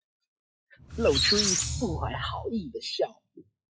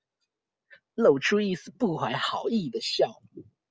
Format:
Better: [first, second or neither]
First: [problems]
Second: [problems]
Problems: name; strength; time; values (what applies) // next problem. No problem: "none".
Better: second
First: noise reduction (classical method log-MMSE)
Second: none